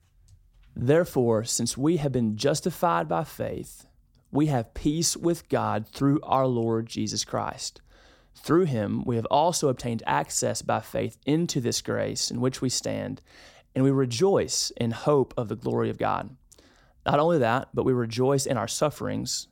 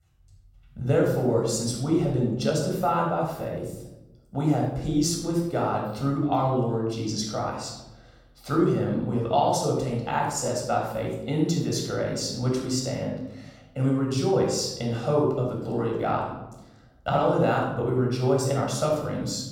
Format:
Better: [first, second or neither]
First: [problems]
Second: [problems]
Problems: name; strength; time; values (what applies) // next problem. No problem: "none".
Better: first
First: none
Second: room echo; noticeable; dies away in 0.8 s // off-mic speech; somewhat distant